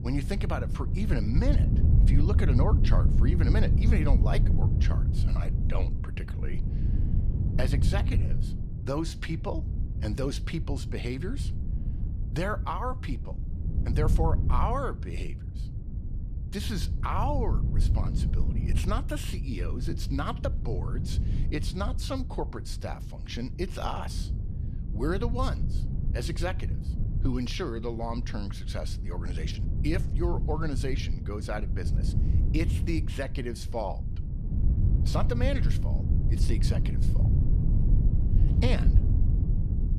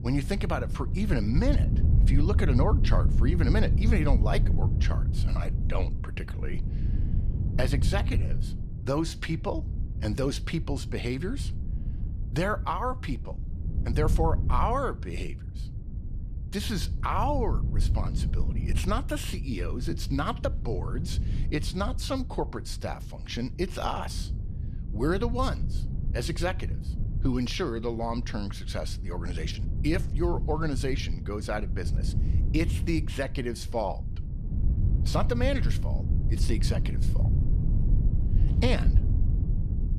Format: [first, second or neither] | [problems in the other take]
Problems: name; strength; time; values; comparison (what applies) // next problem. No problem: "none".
second | wind noise on the microphone; heavy; 7 dB below the speech; occasional gusts in the second